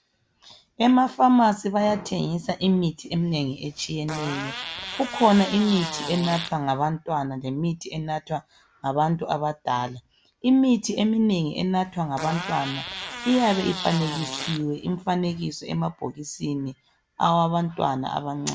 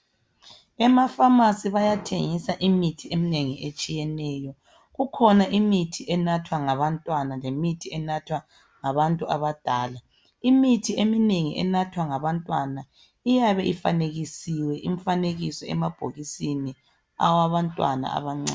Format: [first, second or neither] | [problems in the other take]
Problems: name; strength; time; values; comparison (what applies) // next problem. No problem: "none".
second | background sound (Fart); 9 dB below the speech